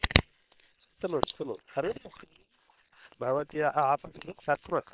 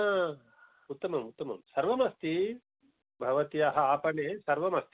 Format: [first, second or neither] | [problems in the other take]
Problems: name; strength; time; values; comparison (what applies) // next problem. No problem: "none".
second | noise reduction (neural separator model SepFormer WHAM!)